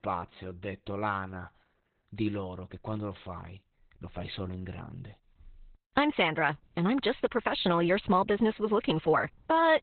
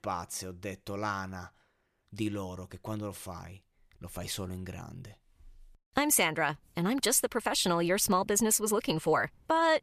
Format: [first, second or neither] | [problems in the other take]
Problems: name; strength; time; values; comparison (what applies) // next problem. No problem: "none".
second | garbled, watery; badly; nothing above 4 kHz